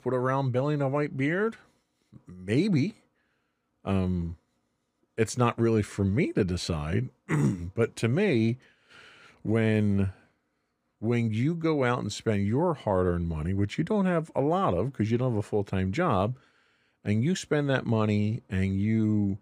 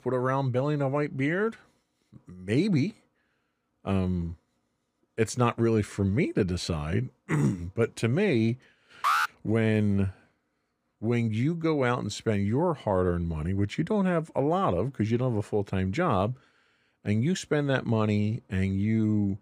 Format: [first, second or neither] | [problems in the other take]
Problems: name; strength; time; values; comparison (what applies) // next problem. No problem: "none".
first | alarm; loud; at 9 s; peak 2 dB above the speech